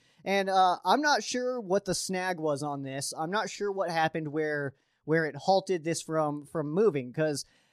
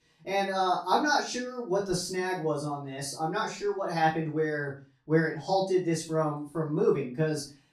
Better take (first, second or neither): first